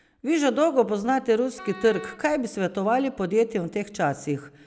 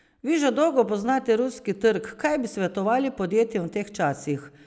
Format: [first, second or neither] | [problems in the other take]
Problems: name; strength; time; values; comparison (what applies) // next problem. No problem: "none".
second | background sound (Wind instrument, woodwind instrument); 19 dB below the speech